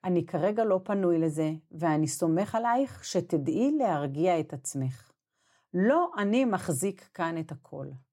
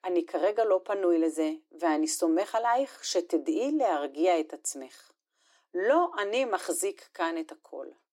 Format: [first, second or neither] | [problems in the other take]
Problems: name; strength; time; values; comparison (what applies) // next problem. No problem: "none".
first | thin; somewhat; fading below 300 Hz